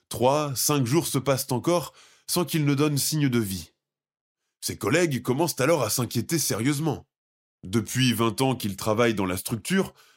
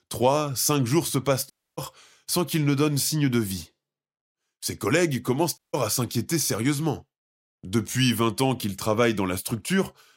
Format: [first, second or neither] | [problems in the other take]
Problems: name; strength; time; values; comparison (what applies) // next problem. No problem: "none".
first | audio cutting out; at 1.5 s and at 5.5 s